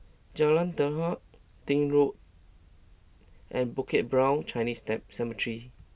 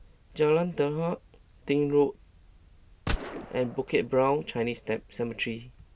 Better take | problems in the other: first | background sound (Gunshot, gunfire); 9 dB below the speech

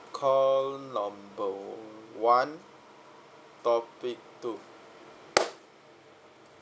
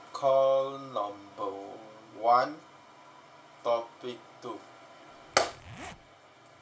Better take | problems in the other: first | background sound (Zipper (clothing)); 17 dB below the speech // room echo; dies away in 0.2 s

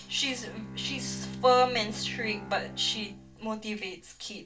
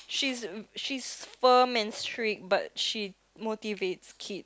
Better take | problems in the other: second | background sound (Bowed string instrument); 12 dB below the speech // room echo; dies away in 0.2 s

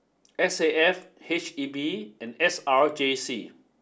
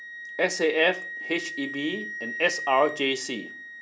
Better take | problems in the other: first | background sound (Wind instrument, woodwind instrument); 9 dB below the speech

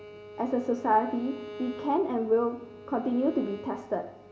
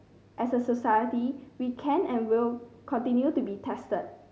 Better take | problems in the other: second | background sound (Bowed string instrument); 15 dB below the speech // room echo; dies away in 2 s

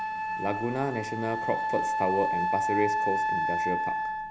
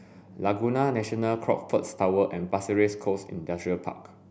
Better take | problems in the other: second | background sound (Wind instrument, woodwind instrument); 3 dB above the speech

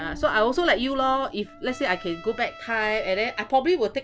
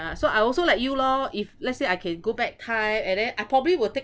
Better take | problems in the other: second | background sound (Bass guitar + Trumpet); 19 dB below the speech

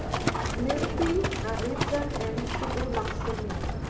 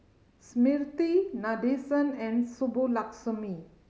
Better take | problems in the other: second | background sound (Livestock, farm animals, working animals); 3 dB above the speech // room echo; dies away in 1.1 s

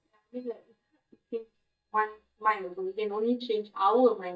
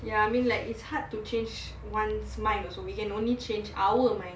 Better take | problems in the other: second | noise reduction (neural mask model DeepFilterNet 3)

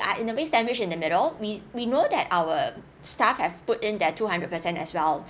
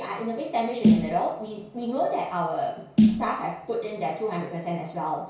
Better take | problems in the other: first | background sound (Snare drum); 2 dB above the speech // room echo; dies away in 0.6 s

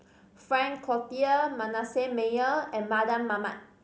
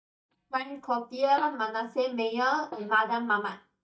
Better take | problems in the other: first | noise reduction (neural mask model DeepFilterNet 3)

